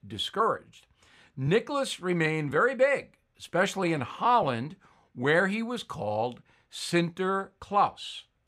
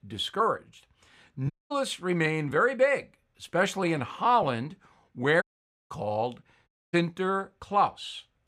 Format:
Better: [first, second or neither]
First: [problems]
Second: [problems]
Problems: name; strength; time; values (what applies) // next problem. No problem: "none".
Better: first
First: none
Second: audio cutting out; at 1.5 s, at 5.5 s and at 6.5 s